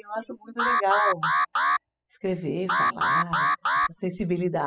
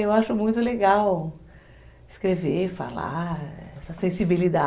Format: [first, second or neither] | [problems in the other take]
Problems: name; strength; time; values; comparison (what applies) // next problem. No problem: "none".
second | noise reduction (classical method spectral subtraction)